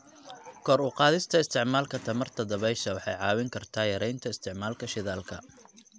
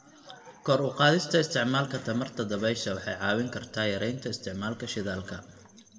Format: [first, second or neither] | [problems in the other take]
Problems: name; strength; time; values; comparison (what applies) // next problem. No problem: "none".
first | room echo; dies away in 1 s